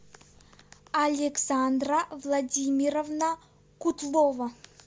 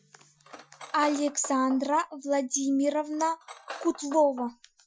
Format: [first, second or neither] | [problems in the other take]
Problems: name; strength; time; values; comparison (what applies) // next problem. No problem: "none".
first | noise reduction (classical method Wiener filter)